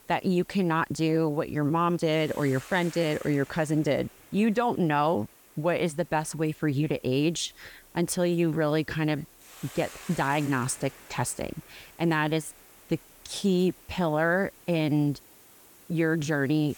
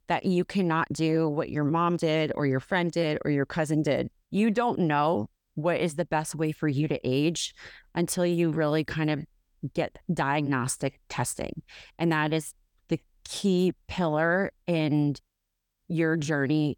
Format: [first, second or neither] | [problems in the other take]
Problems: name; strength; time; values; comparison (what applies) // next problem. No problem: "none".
second | hiss; faint; throughout; 20 dB below the speech